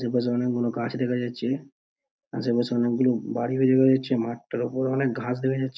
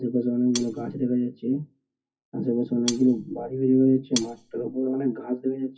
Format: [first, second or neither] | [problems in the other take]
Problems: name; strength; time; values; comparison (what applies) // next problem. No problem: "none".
first | noise reduction (classical method WPE with log-MMSE)